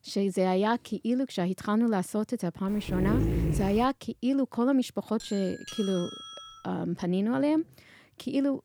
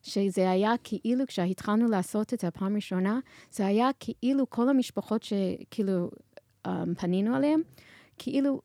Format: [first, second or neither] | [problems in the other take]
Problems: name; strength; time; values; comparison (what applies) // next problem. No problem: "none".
second | dog barking; loud; from 3 to 4 s; peak 2 dB above the speech // doorbell; faint; from 5 to 6.5 s; peak 10 dB below the speech